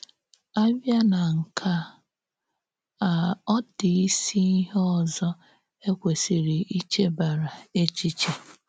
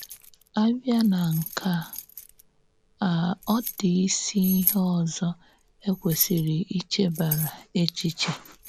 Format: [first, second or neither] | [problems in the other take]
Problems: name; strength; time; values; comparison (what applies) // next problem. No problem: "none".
first | background sound (Keys jangling); 11 dB below the speech